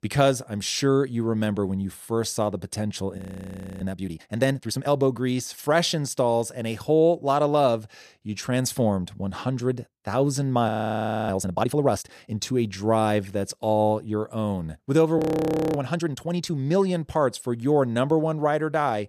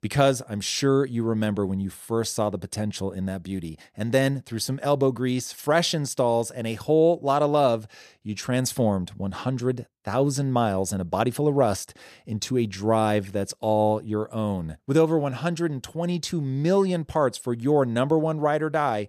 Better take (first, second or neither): second